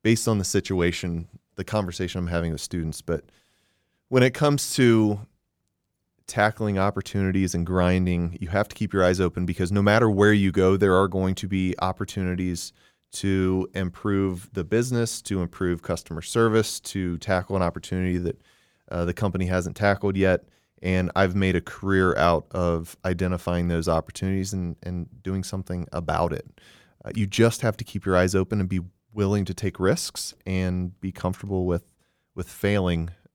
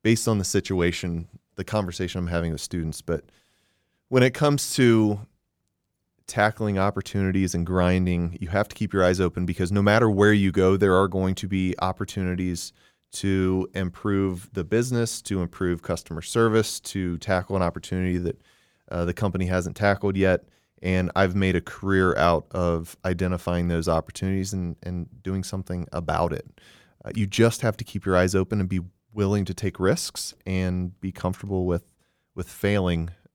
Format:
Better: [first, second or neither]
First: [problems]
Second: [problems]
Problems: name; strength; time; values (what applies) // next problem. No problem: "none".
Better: neither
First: none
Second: none